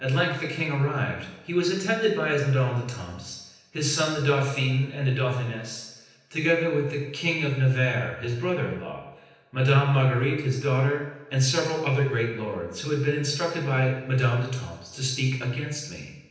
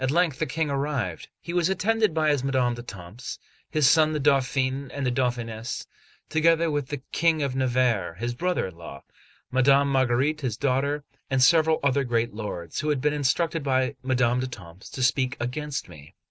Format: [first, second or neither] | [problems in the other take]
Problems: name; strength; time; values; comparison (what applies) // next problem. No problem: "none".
second | room echo; dies away in 0.9 s